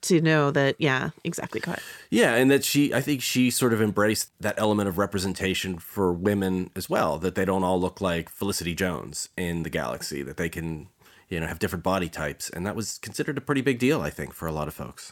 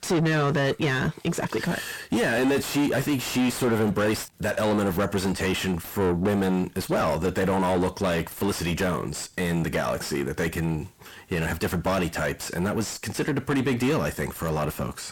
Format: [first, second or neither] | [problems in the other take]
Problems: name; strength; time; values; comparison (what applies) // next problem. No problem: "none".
first | distortion; heavy; 5 dB below the speech